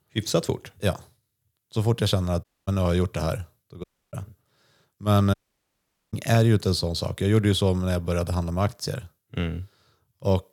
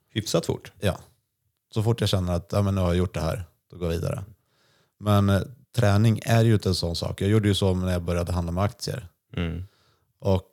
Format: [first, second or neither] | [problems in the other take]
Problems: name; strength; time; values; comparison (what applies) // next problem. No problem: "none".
second | audio cutting out; at 2.5 s, at 4 s and at 5.5 s for 1 s